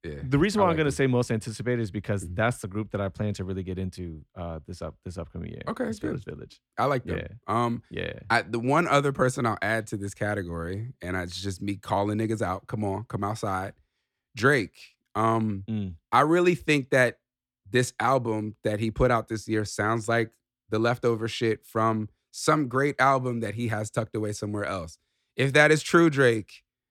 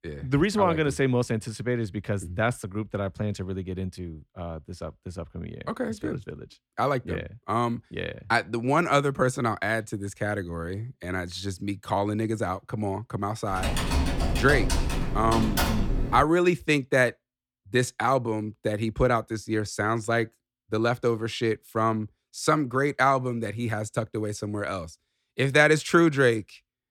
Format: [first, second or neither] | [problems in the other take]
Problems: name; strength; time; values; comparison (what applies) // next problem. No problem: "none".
first | keyboard typing; loud; from 14 to 16 s; peak level with the speech